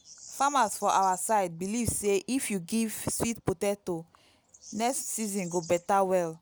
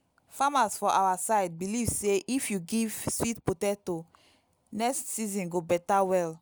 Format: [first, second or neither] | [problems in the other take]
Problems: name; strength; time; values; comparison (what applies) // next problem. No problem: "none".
second | background sound (Bird vocalization, bird call, bird song); 19 dB below the speech